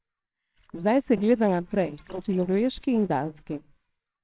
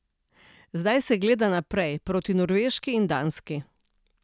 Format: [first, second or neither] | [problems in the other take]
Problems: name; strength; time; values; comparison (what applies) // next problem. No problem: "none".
second | noise reduction (neural separator model SepFormer WHAMR!)